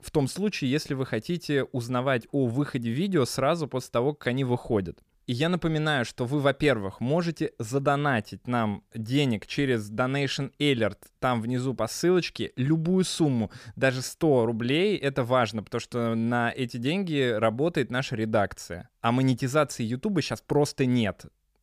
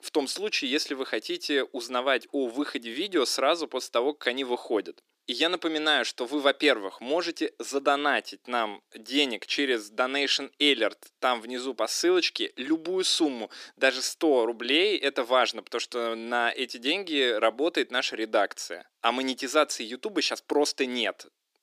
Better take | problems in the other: first | thin; somewhat; fading below 300 Hz

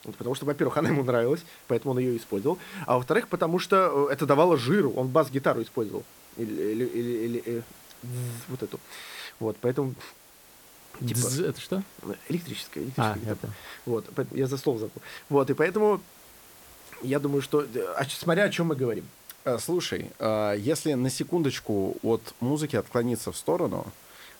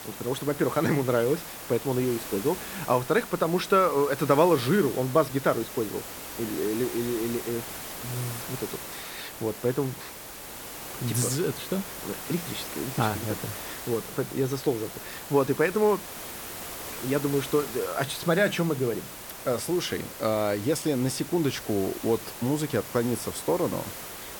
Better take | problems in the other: first | hiss; loud; throughout; 10 dB below the speech; faint in the first

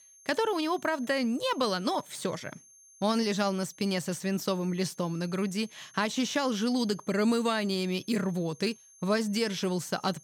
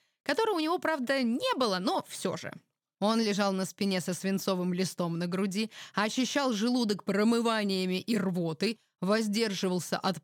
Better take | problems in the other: second | high-pitched whine; faint; throughout; 6.5 kHz, 25 dB below the speech

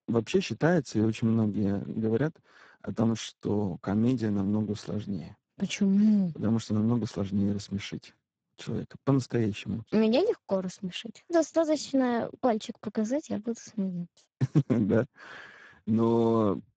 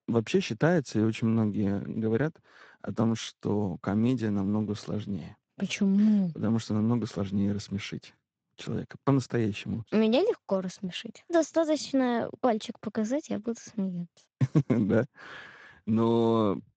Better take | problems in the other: second | garbled, watery; badly; nothing above 7.5 kHz; slightly in the second

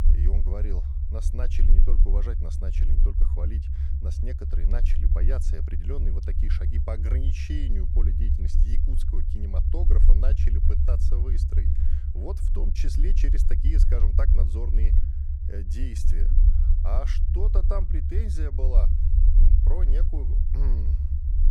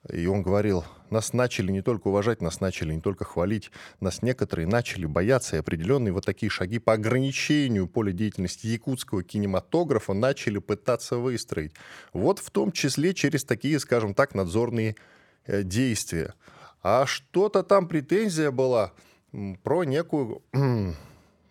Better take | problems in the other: second | low rumble; loud; throughout; 3 dB below the speech

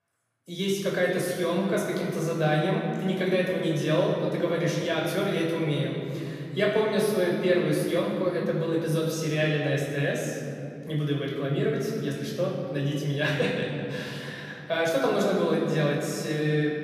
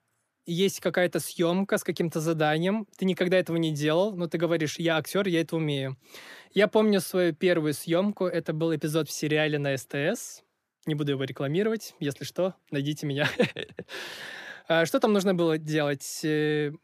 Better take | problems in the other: second | off-mic speech; far // room echo; noticeable; dies away in 2.6 s

